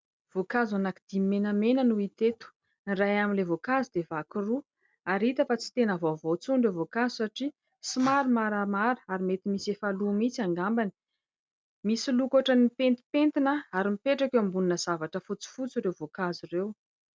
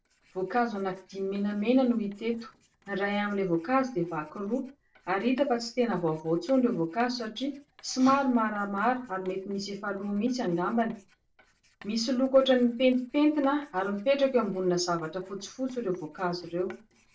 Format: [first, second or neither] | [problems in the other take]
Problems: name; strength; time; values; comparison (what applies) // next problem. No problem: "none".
first | noise reduction (neural separator model SepFormer DNS4)